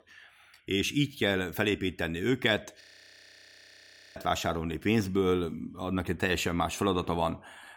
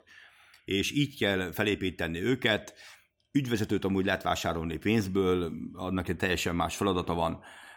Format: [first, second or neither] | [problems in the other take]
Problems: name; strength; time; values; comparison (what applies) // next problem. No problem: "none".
second | audio freezing; at 3 s for 1.5 s